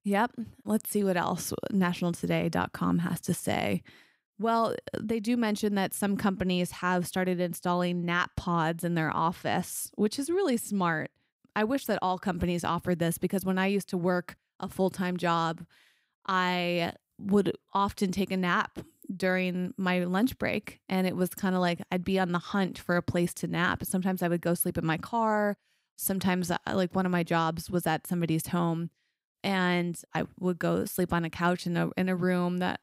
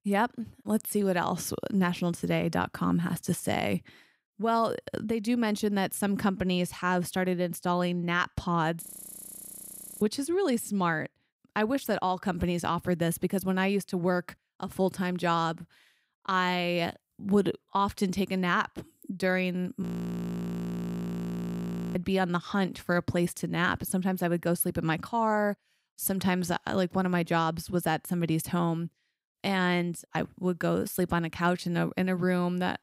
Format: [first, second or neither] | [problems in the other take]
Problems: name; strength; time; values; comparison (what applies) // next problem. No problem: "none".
first | audio freezing; at 9 s for 1 s and at 20 s for 2 s